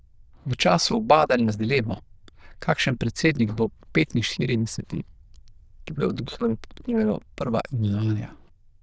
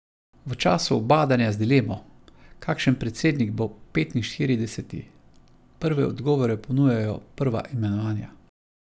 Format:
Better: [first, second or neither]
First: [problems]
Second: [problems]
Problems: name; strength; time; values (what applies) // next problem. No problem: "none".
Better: second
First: noise reduction (neural diffusion model UNIVERSE++)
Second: none